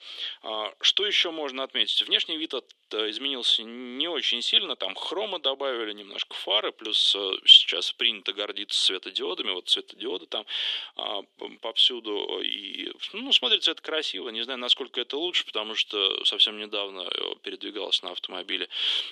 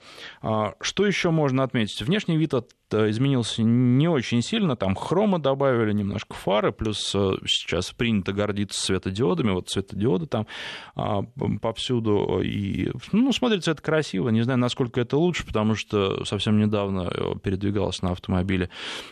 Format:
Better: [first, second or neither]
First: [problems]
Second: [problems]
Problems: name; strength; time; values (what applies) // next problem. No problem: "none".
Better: second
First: thin; somewhat; fading below 300 Hz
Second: none